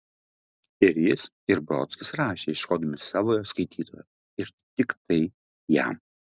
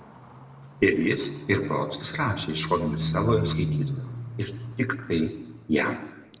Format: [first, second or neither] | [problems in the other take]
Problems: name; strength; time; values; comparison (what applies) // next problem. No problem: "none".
first | background sound (Livestock, farm animals, working animals); 6 dB below the speech // room echo; dies away in 0.9 s